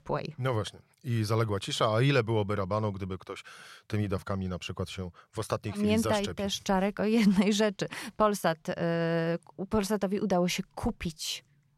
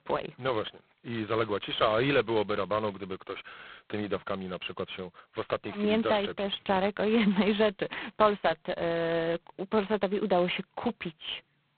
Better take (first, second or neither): first